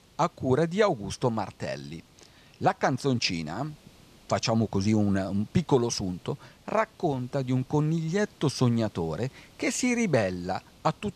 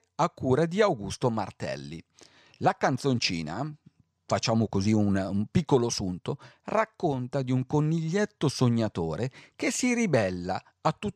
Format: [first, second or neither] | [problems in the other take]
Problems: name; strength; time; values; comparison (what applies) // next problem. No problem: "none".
second | hiss; faint; throughout; 30 dB below the speech